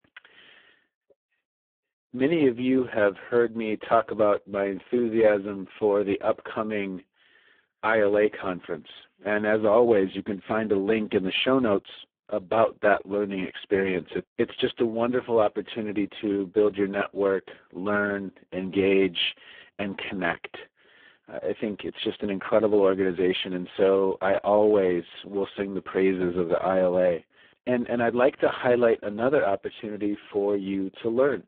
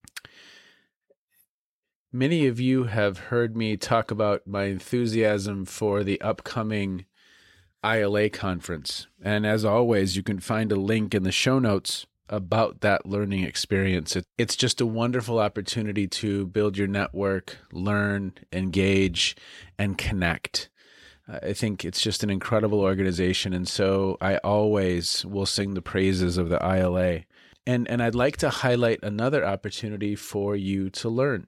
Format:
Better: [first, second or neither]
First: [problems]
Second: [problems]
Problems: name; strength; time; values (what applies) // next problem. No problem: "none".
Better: second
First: phone-call audio; poor line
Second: none